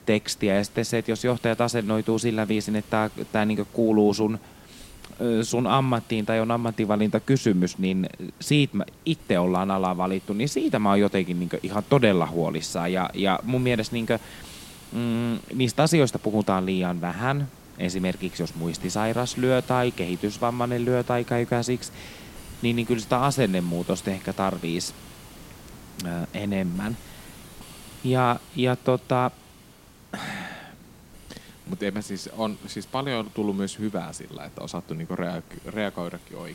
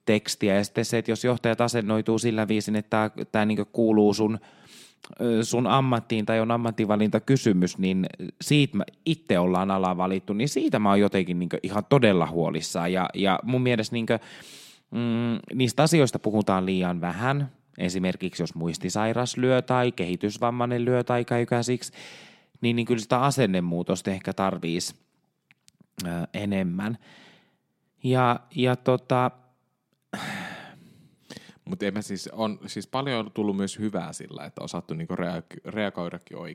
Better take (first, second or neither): second